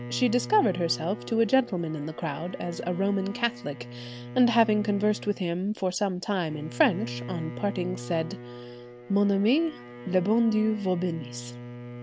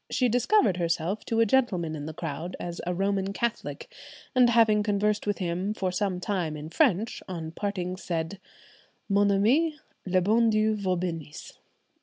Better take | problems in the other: second | background sound (Bowed string instrument); 13 dB below the speech

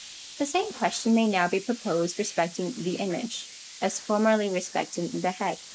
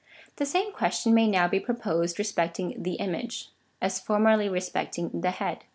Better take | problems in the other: second | noise reduction (neural mask model Resemble Enhance denoiser)

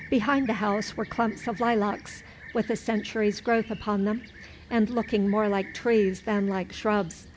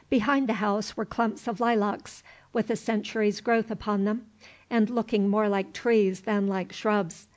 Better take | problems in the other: second | background sound (Fixed-wing aircraft, airplane); 18 dB below the speech

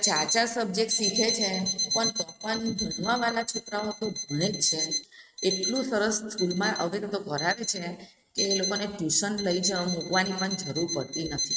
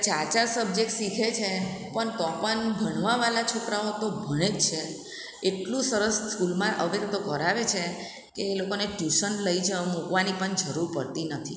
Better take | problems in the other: second | noise reduction (neural mask model RNNoise)

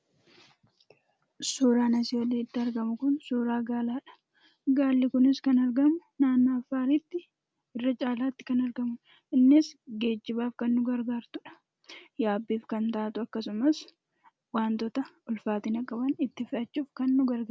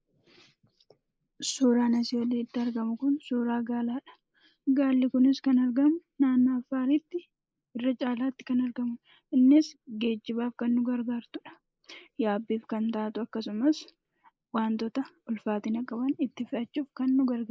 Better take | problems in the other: first | noise reduction (neural mask model Resemble Enhance denoiser)

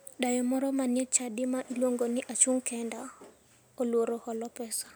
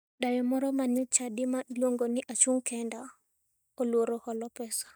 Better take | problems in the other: first | noise reduction (neural mask model DeepFilterNet 3)

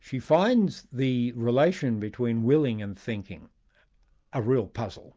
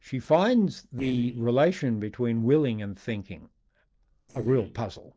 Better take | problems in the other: first | noise reduction (neural separator model SepFormer DNS4)

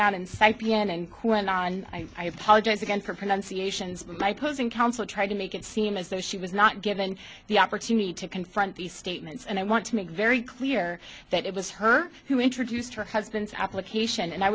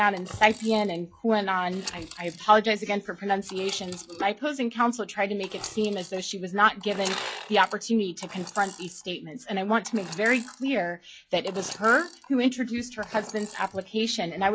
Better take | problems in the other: first | noise reduction (classical method log-MMSE)

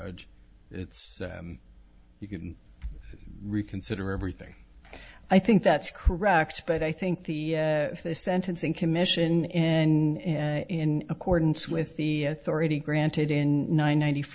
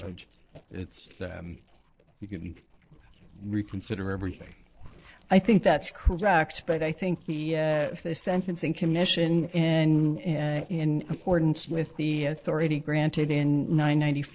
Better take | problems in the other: first | noise reduction (neural separator model SepFormer DNS4)

